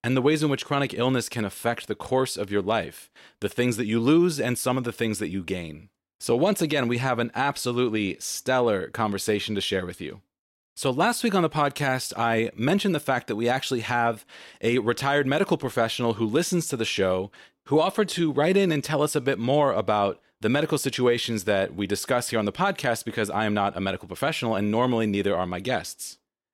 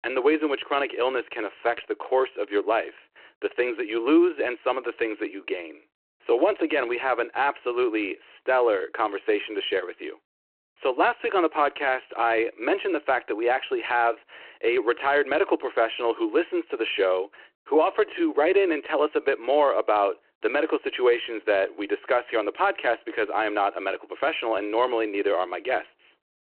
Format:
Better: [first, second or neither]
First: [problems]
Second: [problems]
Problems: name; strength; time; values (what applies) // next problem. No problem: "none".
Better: first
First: none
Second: phone-call audio